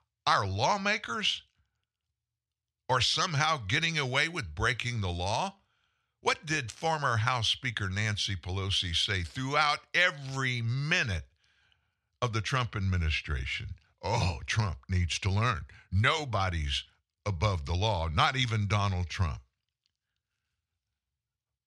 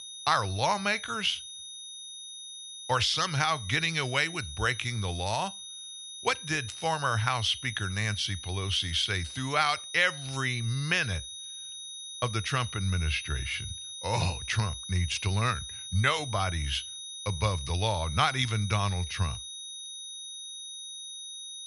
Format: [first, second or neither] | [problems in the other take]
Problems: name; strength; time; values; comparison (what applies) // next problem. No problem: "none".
first | high-pitched whine; loud; throughout; 3.5 kHz, 10 dB below the speech